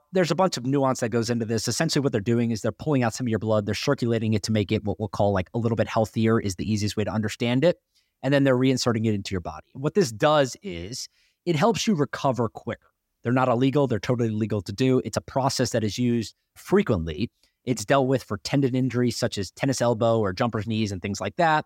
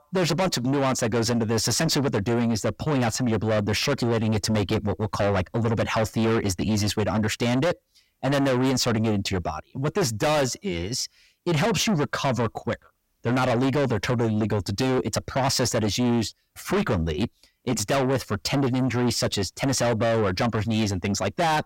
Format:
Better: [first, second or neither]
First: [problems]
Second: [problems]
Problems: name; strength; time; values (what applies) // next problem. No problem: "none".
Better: first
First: none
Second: distortion; heavy; 6 dB below the speech